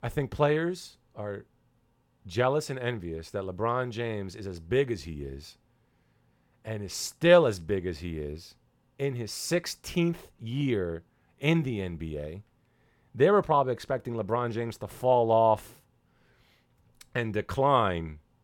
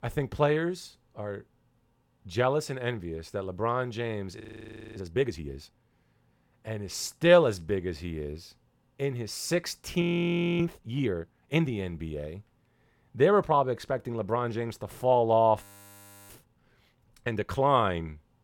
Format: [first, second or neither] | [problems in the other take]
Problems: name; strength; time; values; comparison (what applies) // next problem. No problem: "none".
first | audio freezing; at 4.5 s for 0.5 s, at 10 s for 0.5 s and at 16 s for 0.5 s